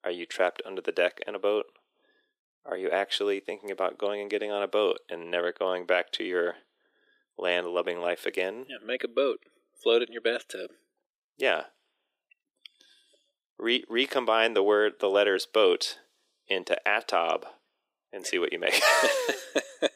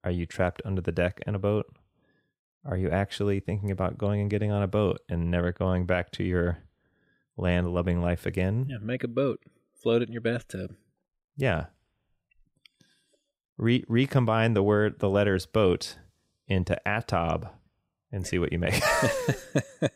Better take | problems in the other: second | thin; very; fading below 350 Hz

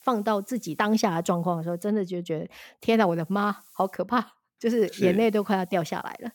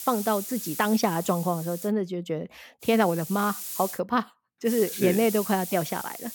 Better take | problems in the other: first | hiss; loud; until 2 s, from 3 to 4 s and from 4.5 s on; 9 dB below the speech; faint in the first

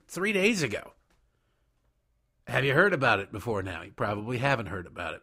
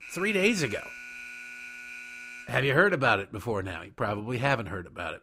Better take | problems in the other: first | alarm; faint; until 2.5 s; peak 10 dB below the speech

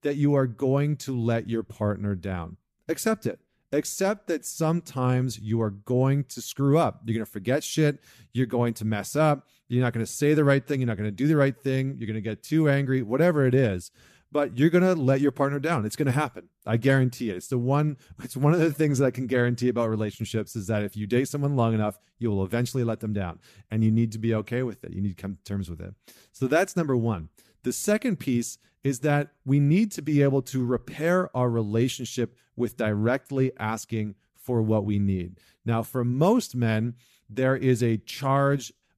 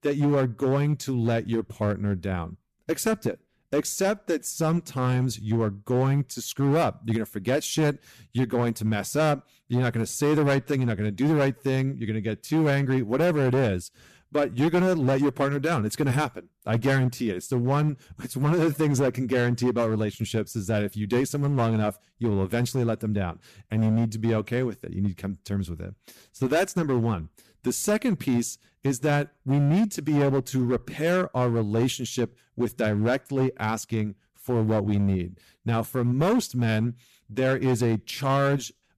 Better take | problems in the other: first | distortion; slight; 9% of the sound clipped

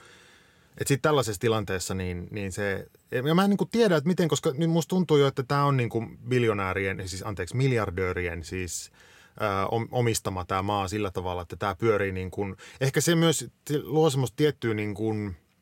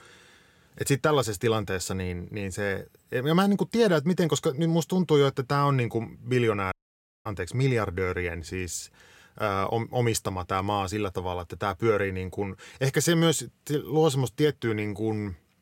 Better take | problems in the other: first | audio cutting out; at 6.5 s for 0.5 s

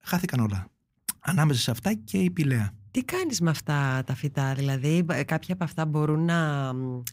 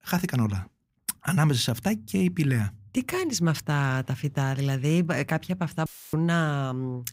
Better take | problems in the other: first | audio cutting out; filled with static; at 6 s

